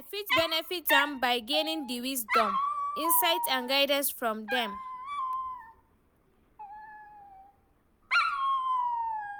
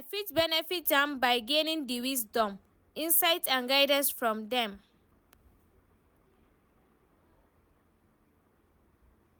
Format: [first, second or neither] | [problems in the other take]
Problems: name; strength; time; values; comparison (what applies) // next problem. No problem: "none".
second | background sound (Dog); as loud as the speech